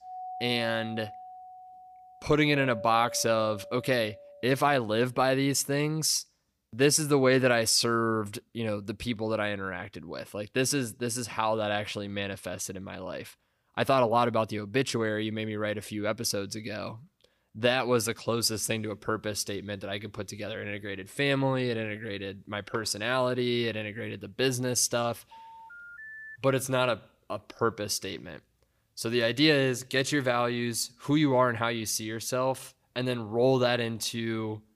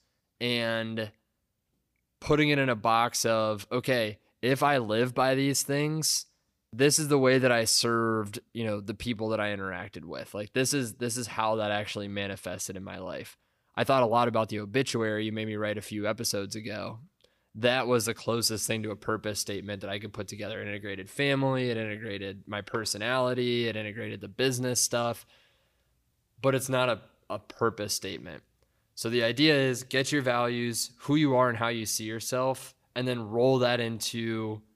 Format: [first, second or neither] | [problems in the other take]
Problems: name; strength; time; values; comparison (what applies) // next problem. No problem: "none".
second | doorbell; faint; until 4.5 s; peak 10 dB below the speech // phone ringing; faint; from 25 to 26 s; peak 15 dB below the speech